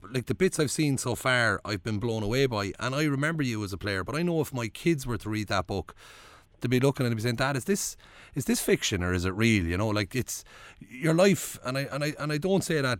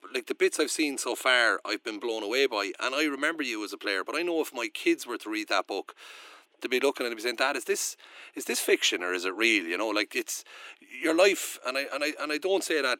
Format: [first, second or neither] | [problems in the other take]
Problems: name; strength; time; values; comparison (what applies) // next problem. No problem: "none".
first | thin; somewhat; fading below 300 Hz